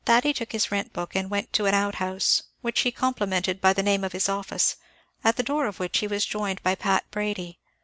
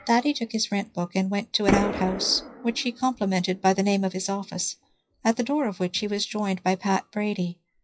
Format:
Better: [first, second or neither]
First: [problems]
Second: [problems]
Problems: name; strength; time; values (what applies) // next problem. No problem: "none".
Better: first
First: none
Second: noise reduction (classical method WPE with log-MMSE)